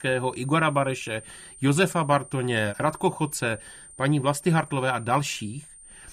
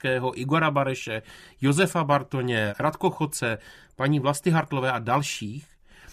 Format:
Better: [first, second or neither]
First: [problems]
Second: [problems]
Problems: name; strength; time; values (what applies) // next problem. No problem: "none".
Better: second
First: high-pitched whine; noticeable; throughout; 9 kHz, 20 dB below the speech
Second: none